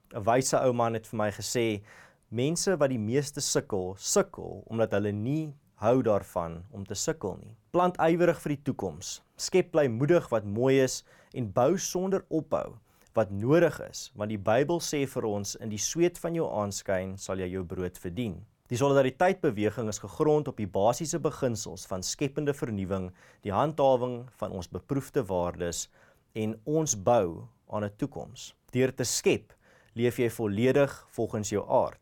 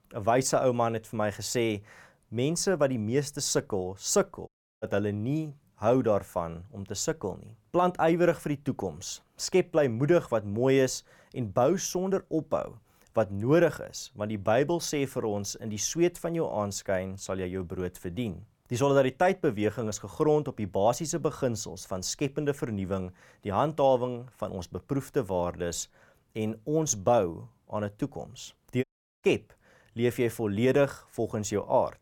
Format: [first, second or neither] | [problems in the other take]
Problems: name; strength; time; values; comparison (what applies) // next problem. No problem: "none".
first | audio cutting out; at 4.5 s and at 29 s